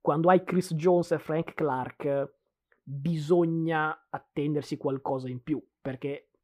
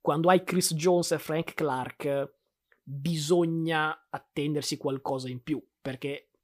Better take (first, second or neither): second